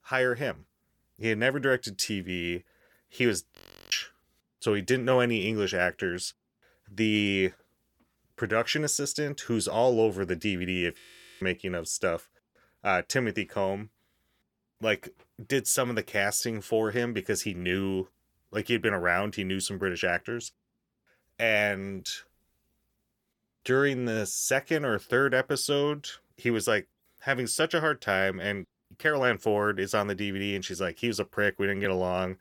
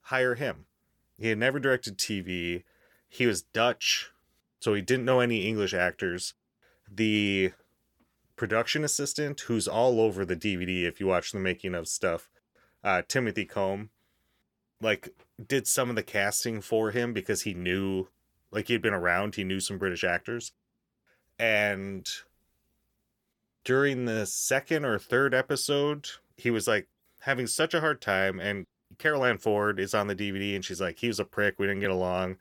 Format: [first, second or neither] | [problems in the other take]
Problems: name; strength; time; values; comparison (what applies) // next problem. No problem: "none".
second | audio freezing; at 3.5 s and at 11 s